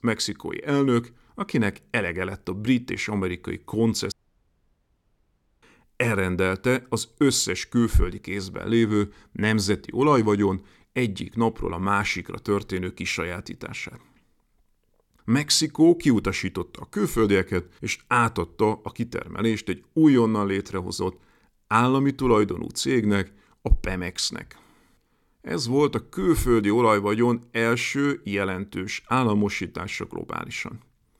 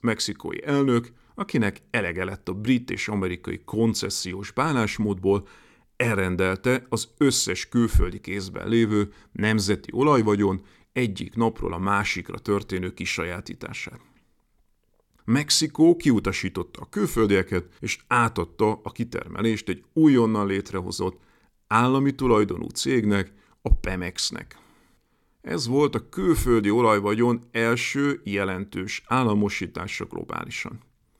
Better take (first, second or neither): second